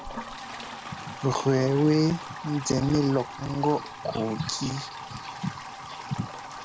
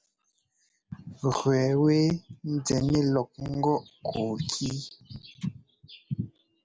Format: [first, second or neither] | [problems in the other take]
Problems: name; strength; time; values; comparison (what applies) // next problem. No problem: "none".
second | background sound (Toilet flush + Motor vehicle (road) / Siren); 11 dB below the speech